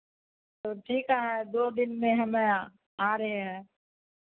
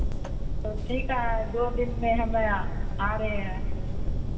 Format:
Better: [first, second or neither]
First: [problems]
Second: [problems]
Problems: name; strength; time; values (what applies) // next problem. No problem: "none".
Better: first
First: none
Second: background sound (Fire); 3 dB above the speech // room echo; dies away in 2.6 s